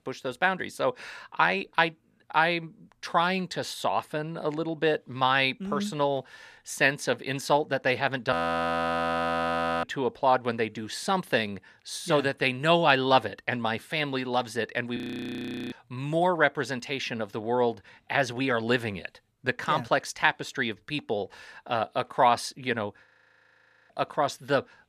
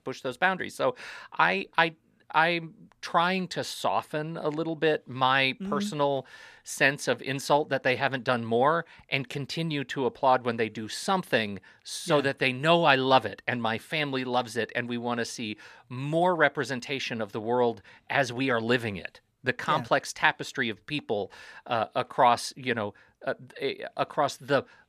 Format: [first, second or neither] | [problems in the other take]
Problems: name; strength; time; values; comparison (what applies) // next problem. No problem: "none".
second | audio freezing; at 8.5 s for 1.5 s, at 15 s for 1 s and at 23 s for 1 s